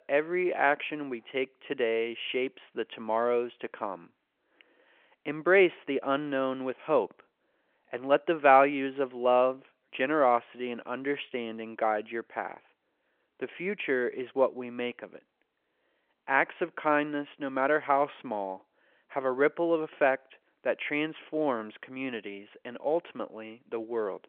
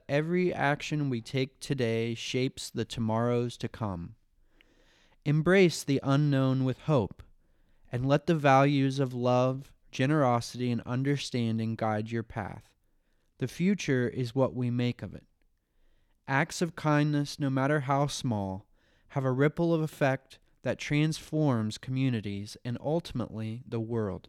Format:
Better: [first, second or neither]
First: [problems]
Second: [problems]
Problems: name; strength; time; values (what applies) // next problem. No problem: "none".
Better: second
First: phone-call audio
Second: none